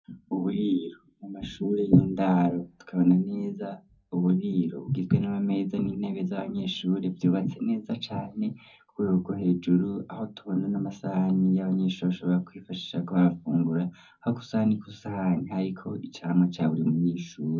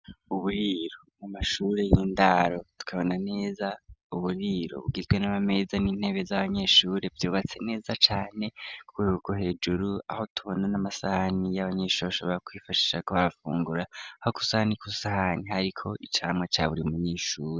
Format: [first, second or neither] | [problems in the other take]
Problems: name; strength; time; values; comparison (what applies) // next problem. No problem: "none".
second | room echo; dies away in 0.3 s